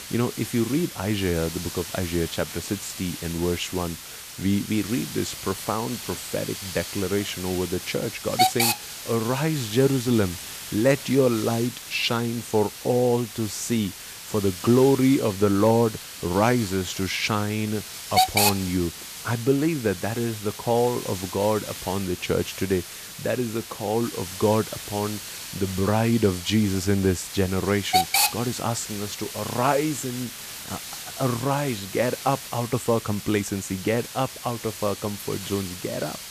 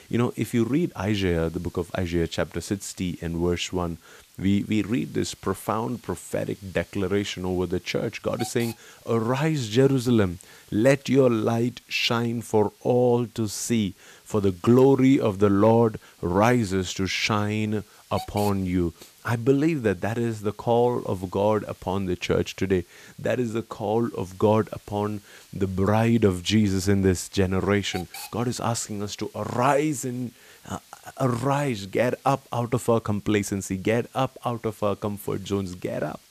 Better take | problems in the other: second | hiss; loud; throughout; 6 dB below the speech; faint in the second

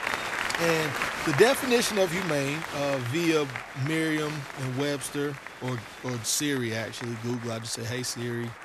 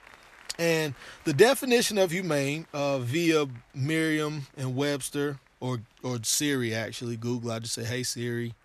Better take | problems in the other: second | crowd noise; loud; throughout; 6 dB below the speech; faint in the second

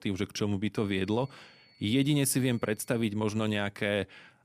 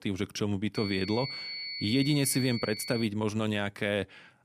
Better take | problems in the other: first | high-pitched whine; loud; from 1 to 3 s; 4.5 kHz, 7 dB below the speech; faint in the first

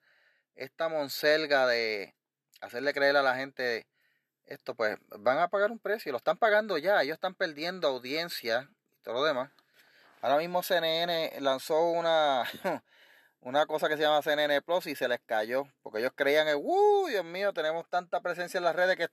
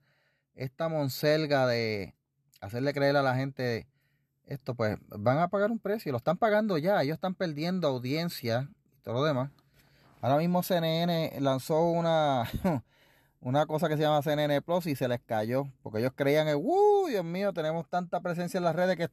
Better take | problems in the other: second | thin; somewhat; fading below 450 Hz

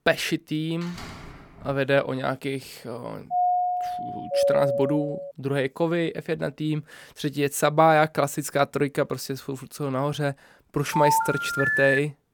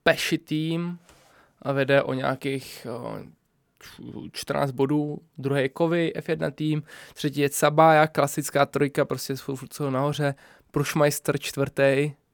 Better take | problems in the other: second | door banging; faint; at 1 s; peak 15 dB below the speech // doorbell; loud; from 3.5 to 5.5 s; peak 4 dB above the speech // phone ringing; loud; from 11 s on; peak 4 dB above the speech

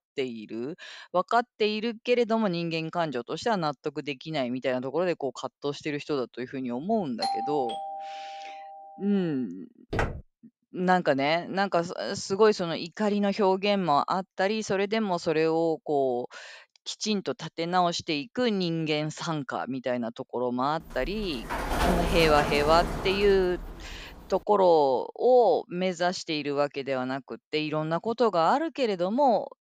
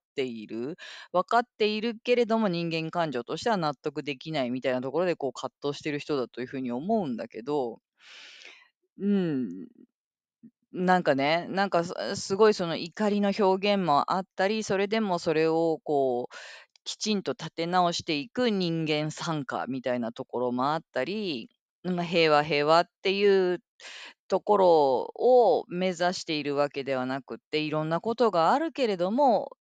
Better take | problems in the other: second | doorbell; noticeable; from 7 to 9 s; peak 3 dB below the speech // footsteps; noticeable; at 10 s; peak 4 dB below the speech // door banging; loud; from 21 to 24 s; peak level with the speech

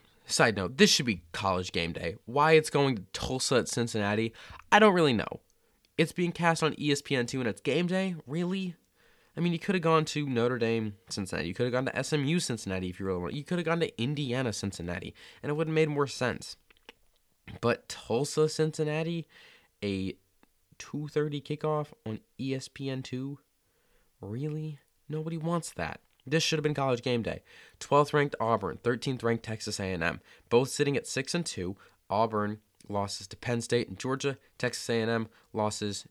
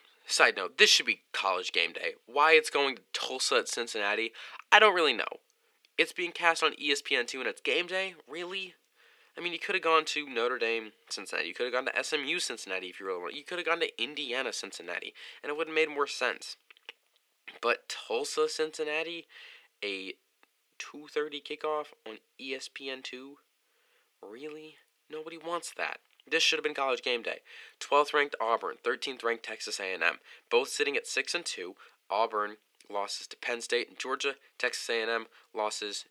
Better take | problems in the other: first | thin; very; fading below 350 Hz

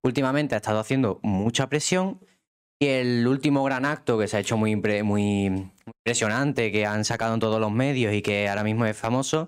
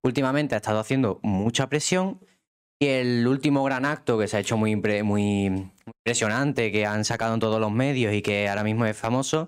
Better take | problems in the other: neither | none

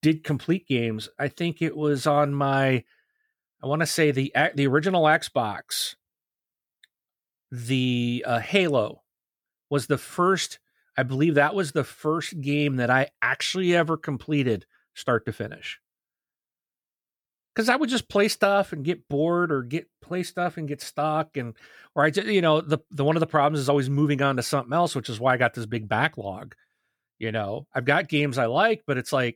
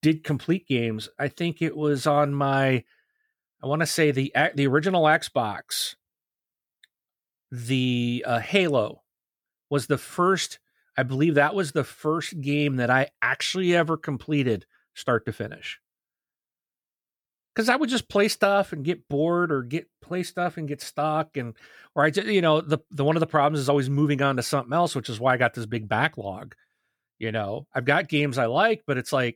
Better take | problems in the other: neither | none

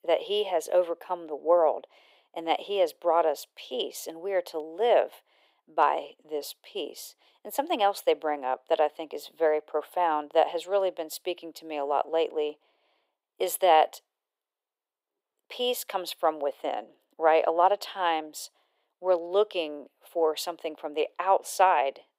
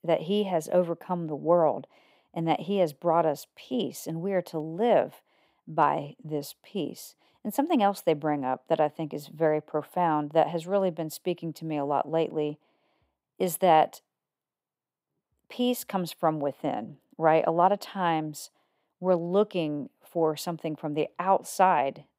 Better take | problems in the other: second | thin; very; fading below 400 Hz

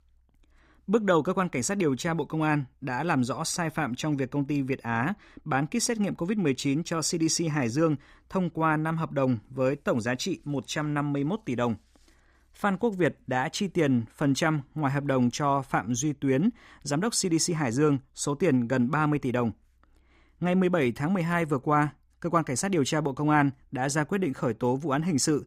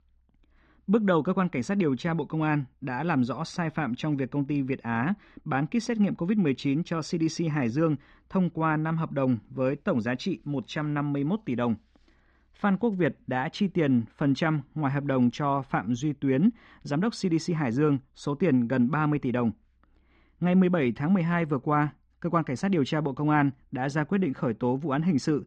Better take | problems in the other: first | muffled; slightly; fading above 4 kHz

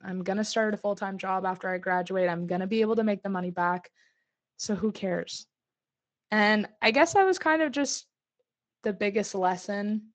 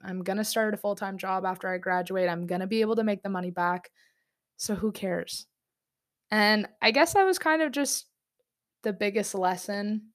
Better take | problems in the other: second | garbled, watery; slightly; nothing above 7.5 kHz

